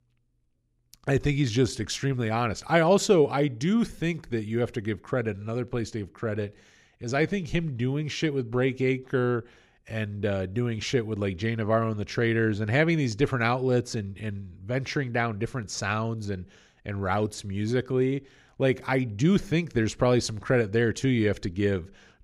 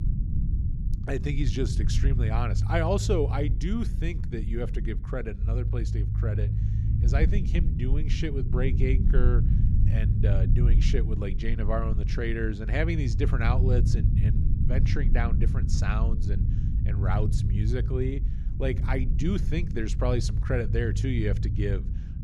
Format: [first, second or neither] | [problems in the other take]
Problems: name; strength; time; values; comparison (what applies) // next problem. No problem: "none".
first | low rumble; loud; throughout; 7 dB below the speech